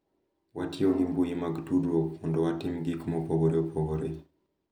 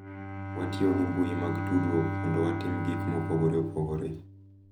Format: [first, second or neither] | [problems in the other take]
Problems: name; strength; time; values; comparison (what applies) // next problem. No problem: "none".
first | background sound (Bowed string instrument); 4 dB below the speech